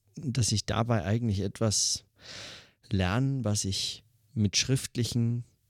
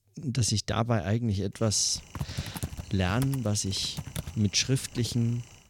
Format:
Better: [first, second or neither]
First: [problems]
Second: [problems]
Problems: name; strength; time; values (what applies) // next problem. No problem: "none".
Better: first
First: none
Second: keyboard typing; noticeable; from 2 to 5 s; peak 8 dB below the speech